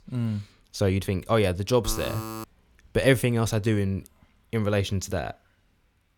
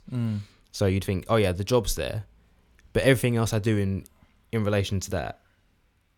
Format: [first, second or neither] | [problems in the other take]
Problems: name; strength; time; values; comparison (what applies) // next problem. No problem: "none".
second | alarm; noticeable; at 2 s; peak 9 dB below the speech